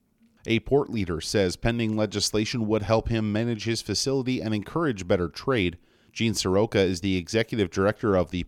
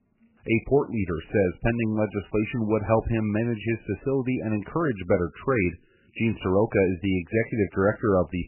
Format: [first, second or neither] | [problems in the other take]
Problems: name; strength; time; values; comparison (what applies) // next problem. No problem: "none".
first | garbled, watery; badly; nothing above 3 kHz